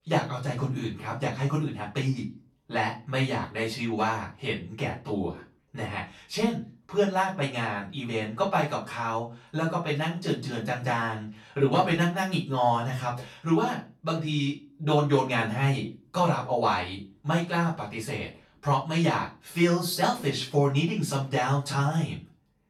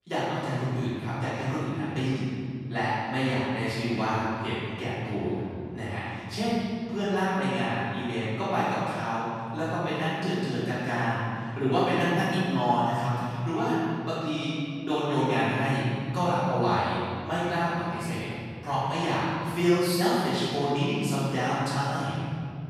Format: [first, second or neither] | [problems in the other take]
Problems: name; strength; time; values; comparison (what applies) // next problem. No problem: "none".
first | room echo; strong; dies away in 2.5 s; slight in the first // off-mic speech; far; far in the first